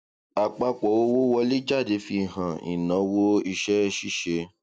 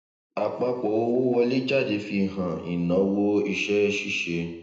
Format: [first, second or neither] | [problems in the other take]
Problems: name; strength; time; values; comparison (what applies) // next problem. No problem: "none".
first | room echo; dies away in 0.8 s